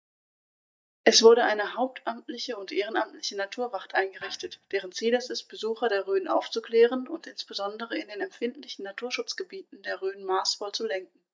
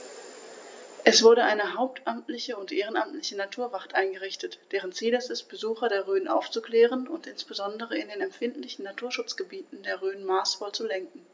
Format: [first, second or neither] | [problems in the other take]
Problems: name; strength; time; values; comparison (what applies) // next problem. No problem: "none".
second | noise reduction (neural mask model DeepFilterNet 3)